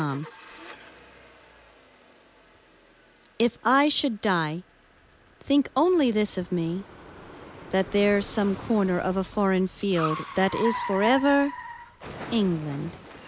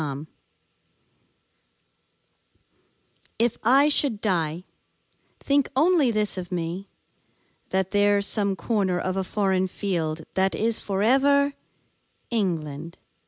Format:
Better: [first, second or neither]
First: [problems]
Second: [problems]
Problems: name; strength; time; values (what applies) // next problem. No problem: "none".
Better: second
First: background sound (Car); 13 dB below the speech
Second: none